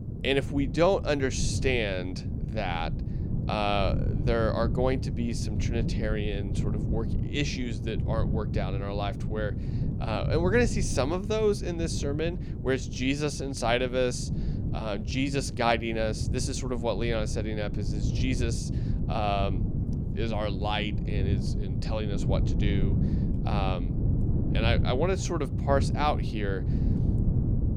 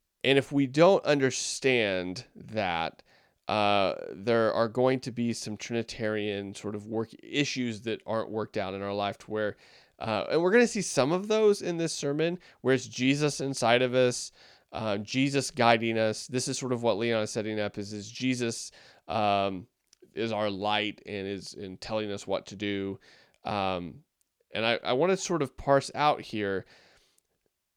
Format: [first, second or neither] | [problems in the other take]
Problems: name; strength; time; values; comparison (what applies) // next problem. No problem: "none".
second | wind noise on the microphone; occasional gusts; 10 dB below the speech